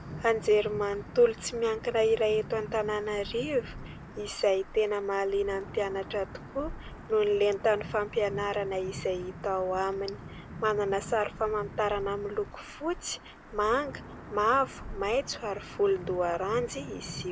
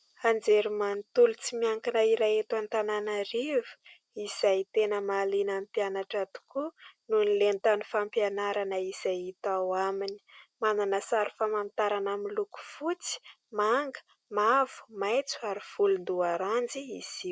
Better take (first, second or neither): second